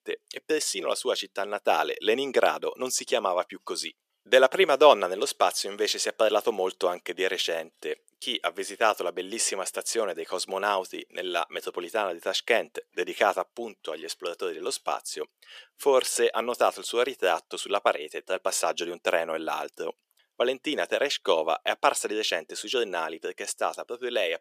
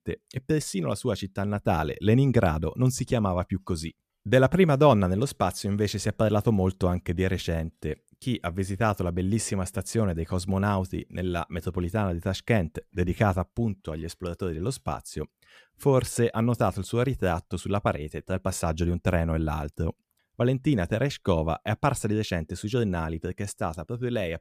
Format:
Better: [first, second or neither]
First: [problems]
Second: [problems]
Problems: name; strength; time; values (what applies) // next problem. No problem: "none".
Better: second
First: thin; very; fading below 400 Hz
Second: none